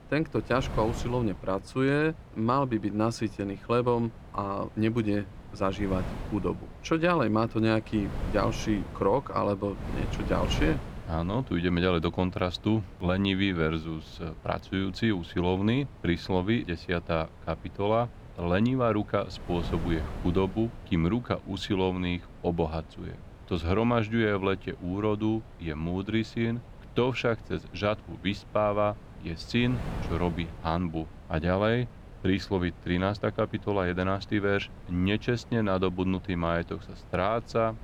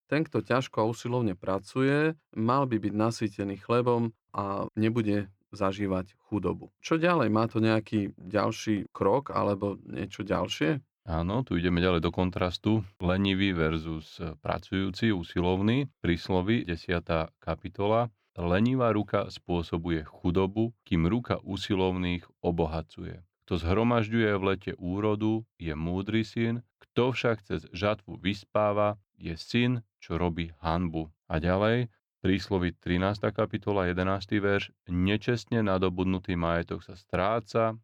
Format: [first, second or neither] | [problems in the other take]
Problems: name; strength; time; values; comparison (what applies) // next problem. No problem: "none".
second | wind noise on the microphone; occasional gusts; 15 dB below the speech